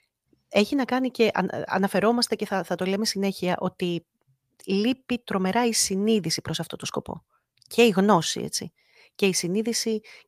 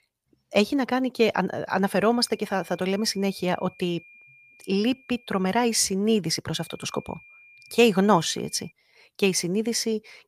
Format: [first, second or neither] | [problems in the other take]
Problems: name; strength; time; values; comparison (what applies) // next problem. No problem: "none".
first | high-pitched whine; faint; from 2 to 5.5 s and from 6.5 to 8.5 s; 2.5 kHz, 25 dB below the speech